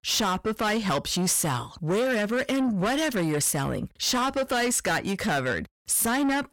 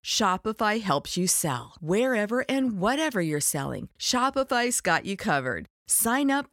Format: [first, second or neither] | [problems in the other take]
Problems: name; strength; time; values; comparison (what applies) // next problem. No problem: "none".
second | distortion; heavy; 7 dB below the speech